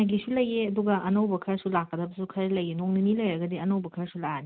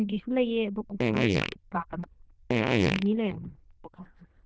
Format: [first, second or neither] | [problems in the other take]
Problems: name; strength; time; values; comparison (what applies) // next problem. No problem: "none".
first | noise reduction (neural diffusion model UNIVERSE++)